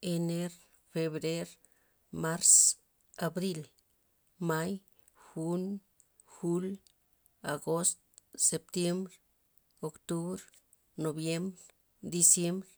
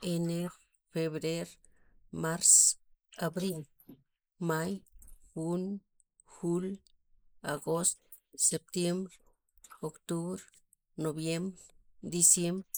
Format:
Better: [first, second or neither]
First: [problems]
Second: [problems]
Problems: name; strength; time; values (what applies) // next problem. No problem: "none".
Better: first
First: none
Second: noise reduction (neural mask model Resemble Enhance denoiser)